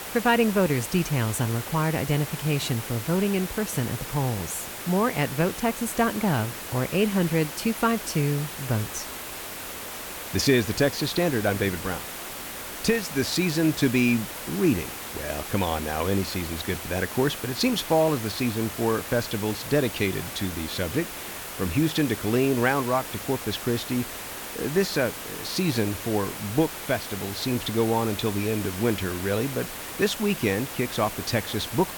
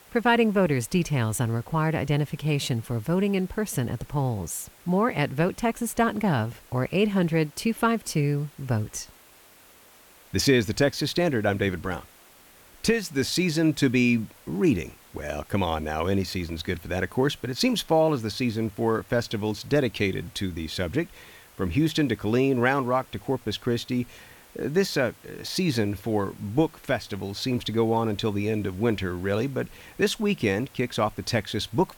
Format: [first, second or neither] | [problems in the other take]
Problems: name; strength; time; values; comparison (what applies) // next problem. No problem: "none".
second | hiss; loud; throughout; 8 dB below the speech; faint in the second